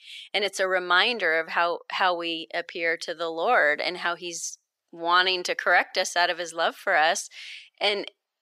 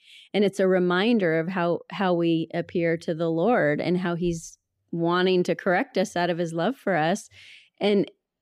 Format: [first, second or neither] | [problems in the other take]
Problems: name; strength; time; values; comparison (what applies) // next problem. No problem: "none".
second | thin; very; fading below 950 Hz